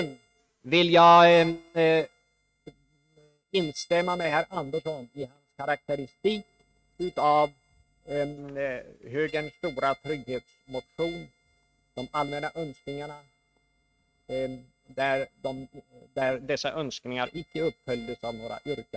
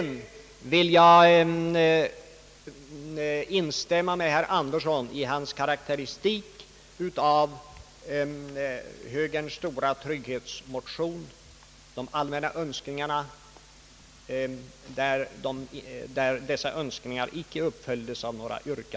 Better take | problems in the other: second | noise reduction (neural mask model RNNoise)

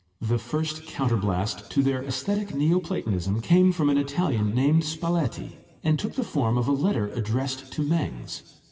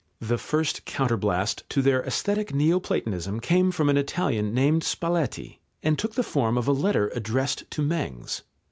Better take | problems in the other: second | room echo; dies away in 1.4 s

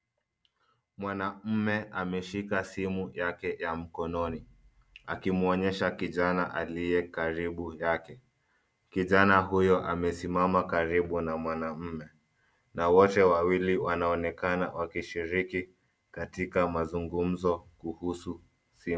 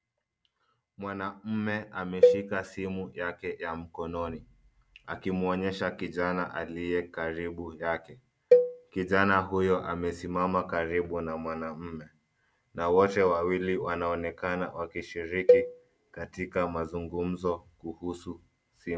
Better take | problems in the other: first | background sound (Cowbell); 4 dB above the speech

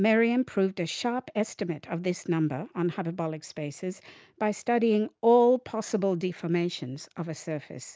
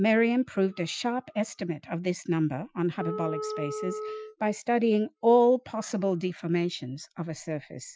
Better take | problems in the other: first | noise reduction (classical method Wiener filter)

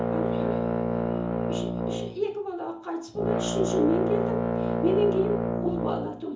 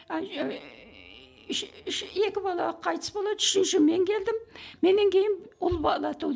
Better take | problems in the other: second | background sound (Brass instrument); 2 dB above the speech // room echo; dies away in 0.8 s

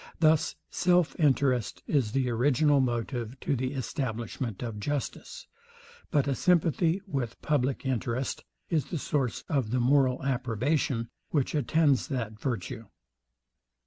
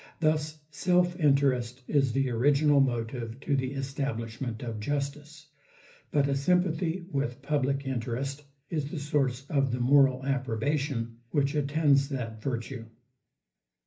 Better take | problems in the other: first | room echo; dies away in 0.3 s

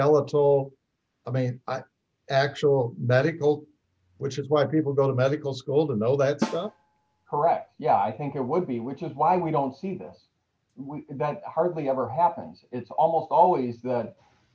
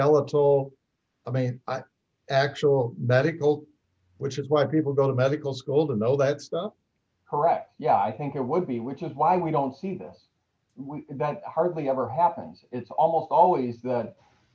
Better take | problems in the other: second | background sound (Snare drum); 12 dB below the speech

